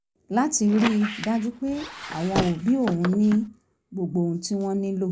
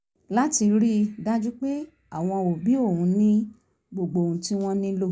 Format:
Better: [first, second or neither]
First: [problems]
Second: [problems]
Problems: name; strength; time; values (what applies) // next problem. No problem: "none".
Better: second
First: background sound (Squeak); 9 dB below the speech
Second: none